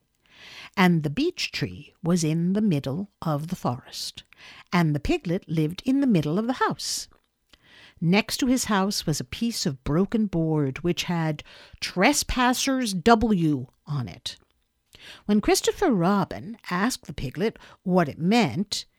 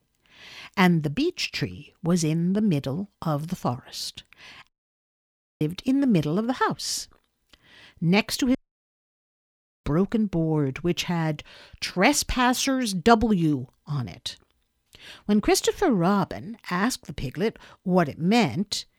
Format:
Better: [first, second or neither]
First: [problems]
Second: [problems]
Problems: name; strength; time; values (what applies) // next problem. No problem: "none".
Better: first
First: none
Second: audio cutting out; at 4.5 s for 1 s and at 8.5 s for 1.5 s